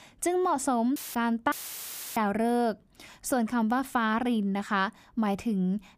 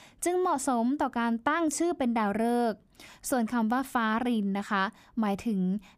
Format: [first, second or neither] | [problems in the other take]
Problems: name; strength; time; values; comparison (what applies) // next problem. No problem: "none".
second | audio cutting out; filled with static; at 1 s and at 1.5 s for 0.5 s